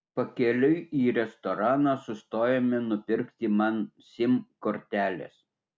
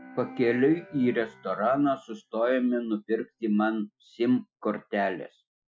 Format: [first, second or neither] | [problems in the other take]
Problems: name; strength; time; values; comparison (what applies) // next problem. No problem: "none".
first | noise reduction (classical method Wiener filter)